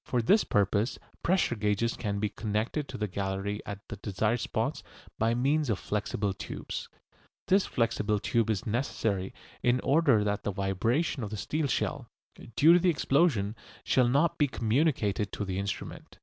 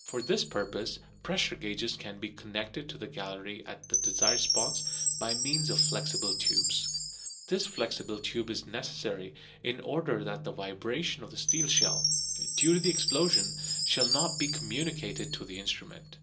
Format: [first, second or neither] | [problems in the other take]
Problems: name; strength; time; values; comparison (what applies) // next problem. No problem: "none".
first | background sound (Chime); 1 dB above the speech // room echo; dies away in 0.2 s